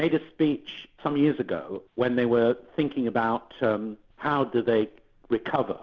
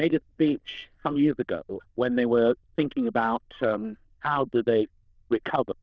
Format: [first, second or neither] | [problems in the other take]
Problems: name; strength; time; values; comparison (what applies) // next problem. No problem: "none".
first | noise reduction (neural diffusion model UNIVERSE++)